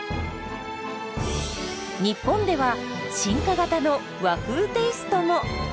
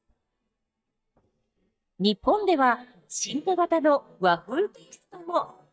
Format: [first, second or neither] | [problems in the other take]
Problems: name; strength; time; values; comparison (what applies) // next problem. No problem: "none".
first | noise reduction (neural mask model DeepFilterNet 3)